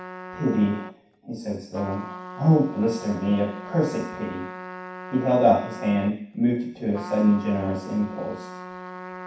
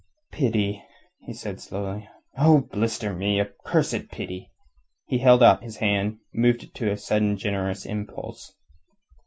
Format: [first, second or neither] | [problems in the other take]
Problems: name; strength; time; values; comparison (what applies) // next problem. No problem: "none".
second | background sound (Trumpet); 13 dB below the speech // room echo; dies away in 0.6 s